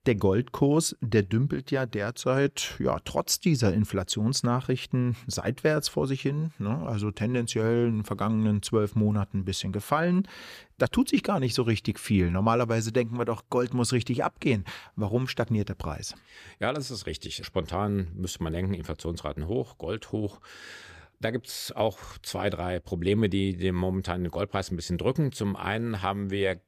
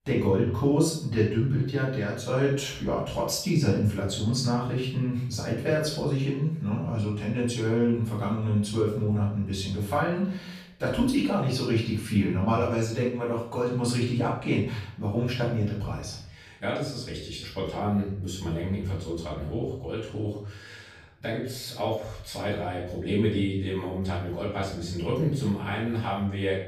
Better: first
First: none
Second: off-mic speech; far // room echo; noticeable; dies away in 0.6 s

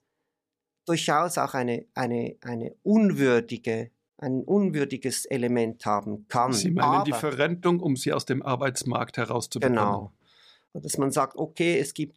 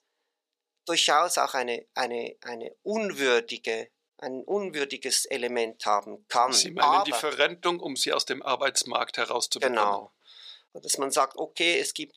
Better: first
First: none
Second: thin; somewhat; fading below 550 Hz

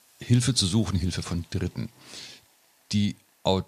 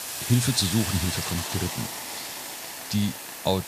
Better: first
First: hiss; faint; throughout; 30 dB below the speech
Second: hiss; loud; throughout; 4 dB below the speech

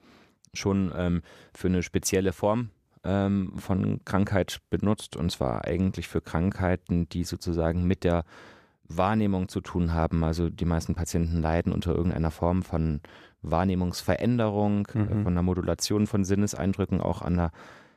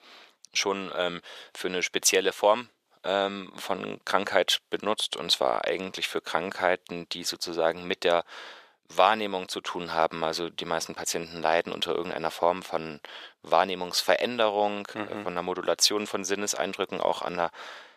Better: first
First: none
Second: thin; very; fading below 600 Hz

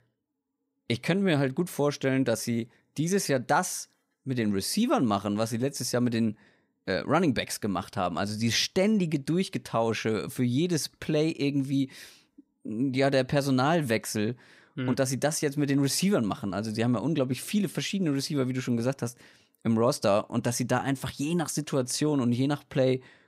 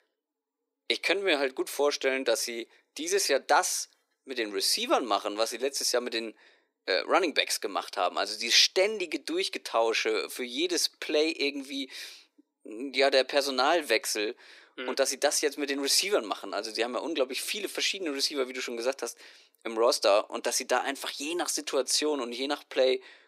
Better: first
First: none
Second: thin; very; fading below 350 Hz

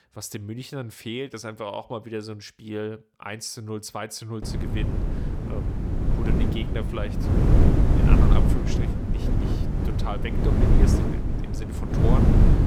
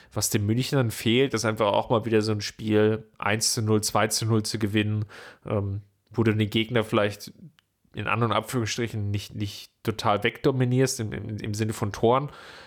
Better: second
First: wind noise on the microphone; heavy; from 4.5 s on; 3 dB above the speech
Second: none

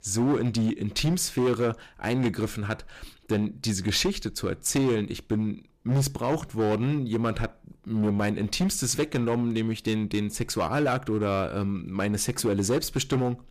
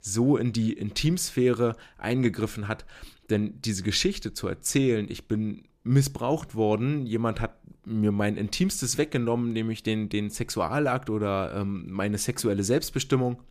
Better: second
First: distortion; slight; 9% of the sound clipped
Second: none

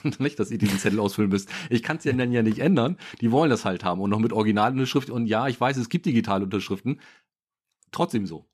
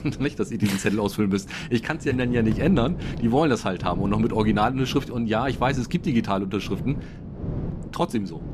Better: first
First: none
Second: wind noise on the microphone; occasional gusts; 15 dB below the speech

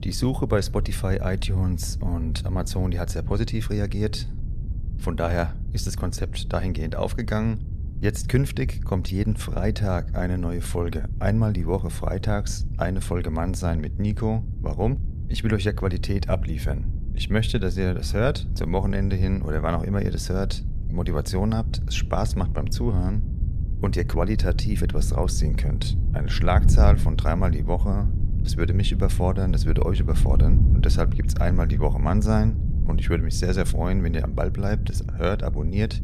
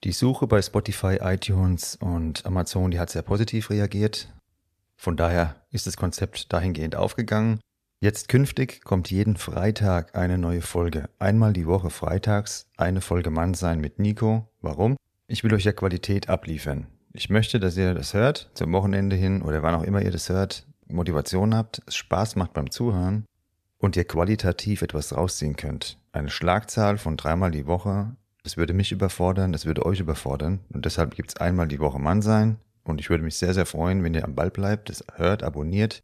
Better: second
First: wind noise on the microphone; occasional gusts; 10 dB below the speech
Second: none

